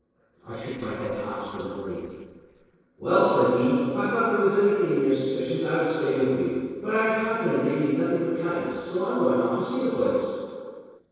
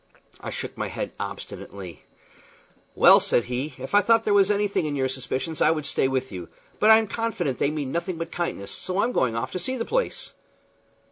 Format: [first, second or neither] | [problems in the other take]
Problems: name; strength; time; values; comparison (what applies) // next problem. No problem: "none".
second | noise reduction (neural separator model SepFormer DNS4)